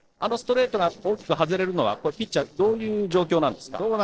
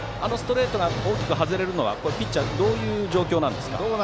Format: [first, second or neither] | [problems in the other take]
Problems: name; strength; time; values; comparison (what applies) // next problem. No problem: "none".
second | noise reduction (neural separator model SepFormer DNS4)